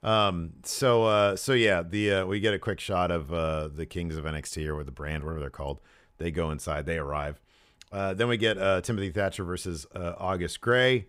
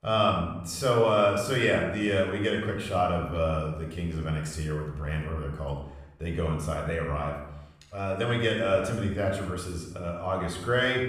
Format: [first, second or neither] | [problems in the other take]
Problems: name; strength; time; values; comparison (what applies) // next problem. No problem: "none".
first | off-mic speech; somewhat distant // room echo; noticeable; dies away in 0.8 s